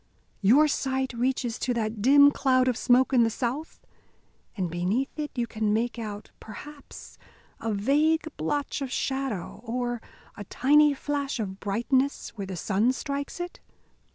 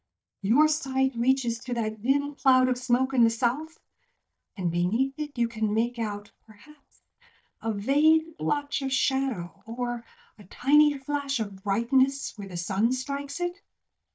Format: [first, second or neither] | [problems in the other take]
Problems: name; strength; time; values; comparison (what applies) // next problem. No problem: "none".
first | noise reduction (neural mask model DeepFilterNet 3)